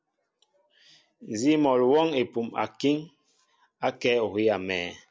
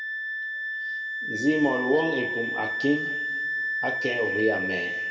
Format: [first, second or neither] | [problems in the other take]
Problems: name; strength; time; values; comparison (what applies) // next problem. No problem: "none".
first | background sound (Wind instrument, woodwind instrument); 1 dB below the speech // room echo; dies away in 1.8 s